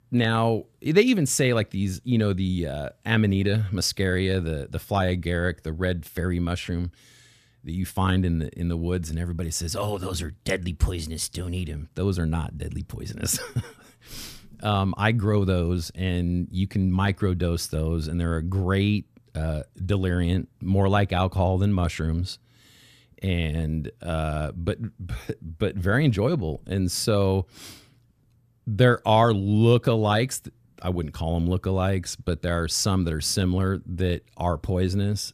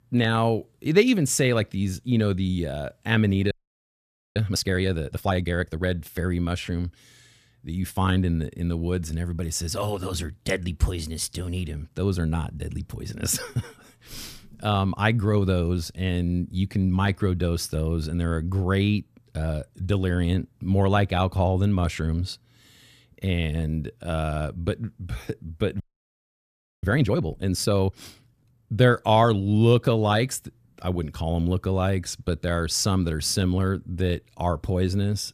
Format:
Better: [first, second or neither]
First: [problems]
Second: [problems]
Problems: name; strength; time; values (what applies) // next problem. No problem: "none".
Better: first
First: none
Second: audio freezing; at 3.5 s for 1 s and at 26 s for 1 s